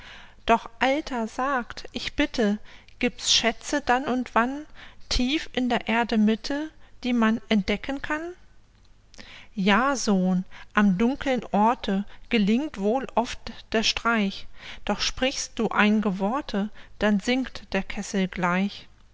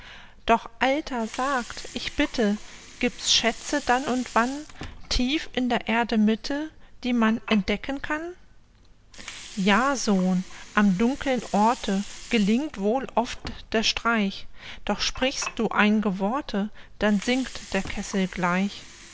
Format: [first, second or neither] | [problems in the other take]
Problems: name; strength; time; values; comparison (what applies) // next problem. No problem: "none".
first | background sound (Water + Slam); 19 dB below the speech